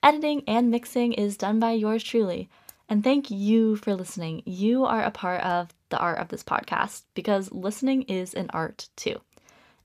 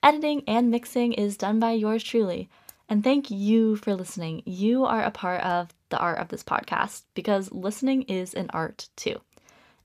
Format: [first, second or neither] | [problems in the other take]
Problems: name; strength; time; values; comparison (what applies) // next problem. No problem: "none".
neither | none